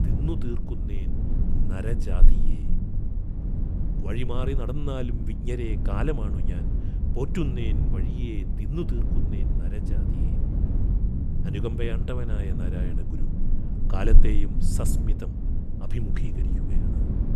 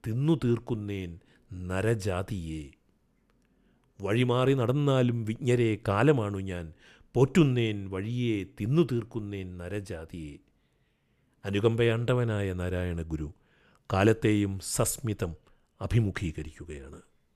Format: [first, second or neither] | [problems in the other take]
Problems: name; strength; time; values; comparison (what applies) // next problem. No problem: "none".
second | low rumble; loud; throughout; 4 dB below the speech